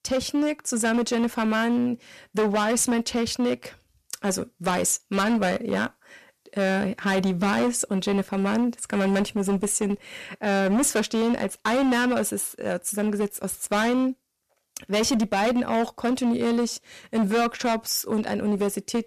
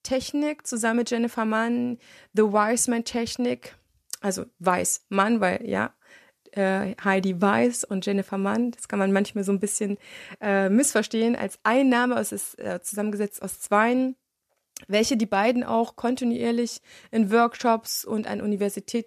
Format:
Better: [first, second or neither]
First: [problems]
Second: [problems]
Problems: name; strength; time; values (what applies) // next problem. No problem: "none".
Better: second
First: distortion; heavy; 14% of the sound clipped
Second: none